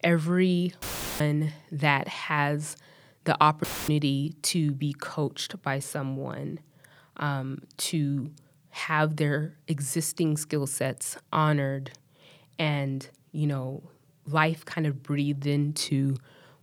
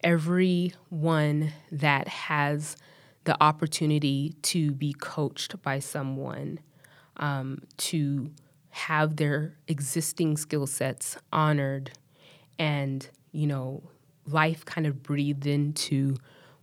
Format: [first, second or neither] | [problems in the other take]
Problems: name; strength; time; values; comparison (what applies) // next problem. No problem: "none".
second | audio cutting out; filled with static; at 1 s and at 3.5 s